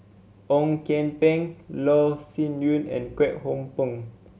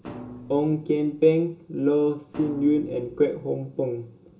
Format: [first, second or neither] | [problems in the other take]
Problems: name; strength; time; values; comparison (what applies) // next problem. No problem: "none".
first | background sound (Thump, thud); 17 dB below the speech // room echo; dies away in 0.2 s